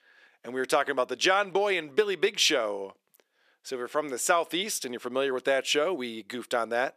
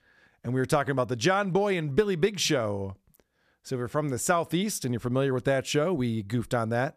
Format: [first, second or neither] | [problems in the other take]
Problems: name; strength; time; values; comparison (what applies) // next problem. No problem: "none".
second | thin; somewhat; fading below 350 Hz